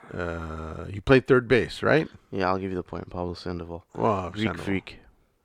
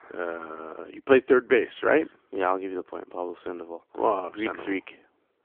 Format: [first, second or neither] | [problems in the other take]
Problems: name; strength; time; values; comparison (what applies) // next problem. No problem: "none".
first | phone-call audio; nothing above 3.5 kHz